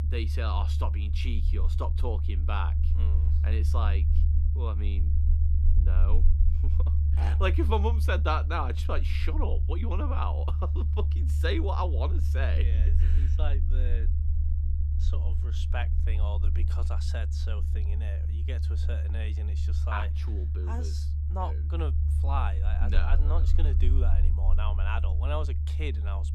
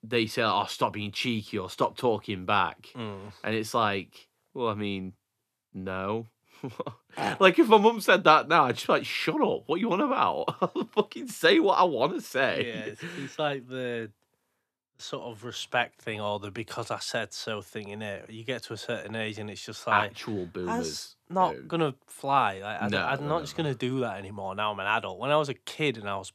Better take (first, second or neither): second